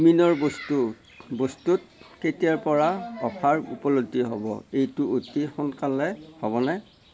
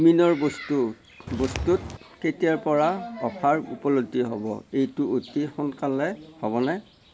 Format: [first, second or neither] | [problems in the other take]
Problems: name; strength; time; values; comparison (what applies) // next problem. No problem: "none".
first | background sound (Walk, footsteps); 8 dB below the speech